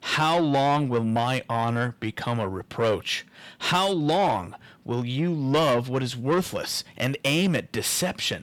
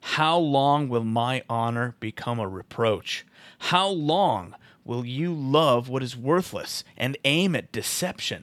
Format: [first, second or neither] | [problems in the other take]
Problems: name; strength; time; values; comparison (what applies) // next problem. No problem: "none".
second | distortion; slight; 10 dB below the speech